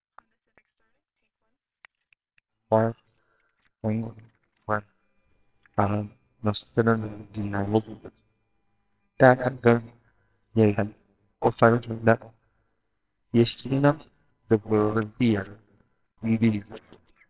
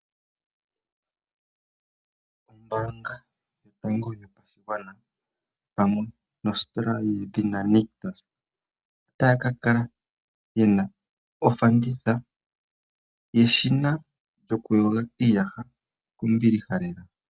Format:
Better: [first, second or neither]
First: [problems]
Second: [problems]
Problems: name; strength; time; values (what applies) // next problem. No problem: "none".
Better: second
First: noise reduction (neural separator model SepFormer WHAMR!)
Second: none